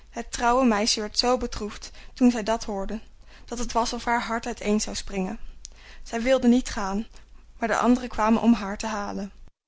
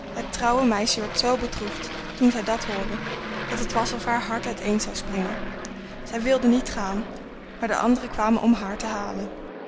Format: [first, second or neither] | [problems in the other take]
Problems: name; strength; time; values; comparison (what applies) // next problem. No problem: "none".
first | background sound (Aircraft); 9 dB below the speech